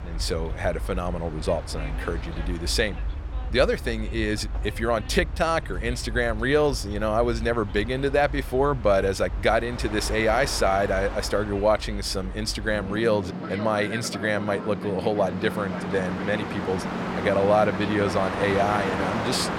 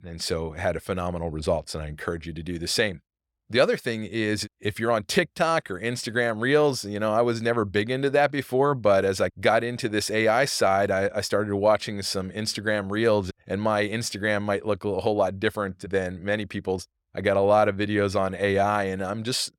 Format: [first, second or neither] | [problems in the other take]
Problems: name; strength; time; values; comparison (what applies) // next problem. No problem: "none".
second | train or aircraft noise; loud; throughout; 7 dB below the speech